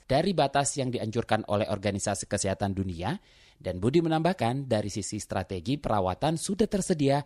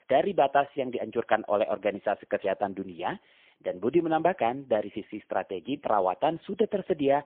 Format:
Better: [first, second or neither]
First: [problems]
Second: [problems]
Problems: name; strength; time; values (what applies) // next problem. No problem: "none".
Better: first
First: none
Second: phone-call audio; poor line; nothing above 3 kHz